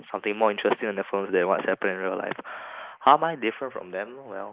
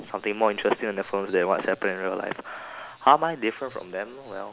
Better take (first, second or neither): second